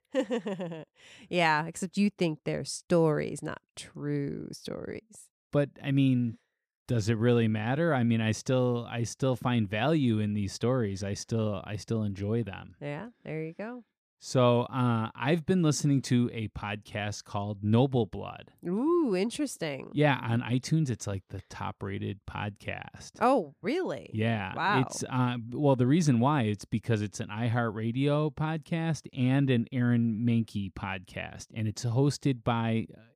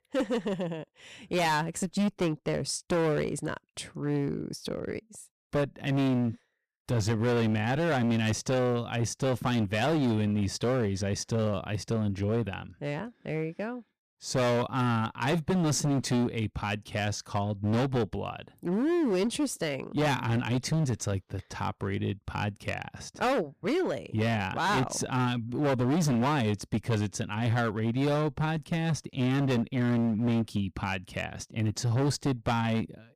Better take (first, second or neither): first